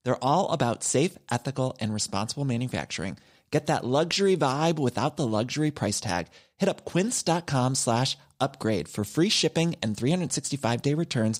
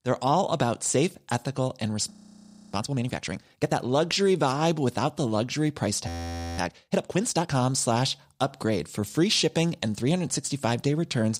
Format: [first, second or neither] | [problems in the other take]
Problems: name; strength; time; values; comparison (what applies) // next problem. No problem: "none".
first | audio freezing; at 2 s for 0.5 s and at 6 s for 0.5 s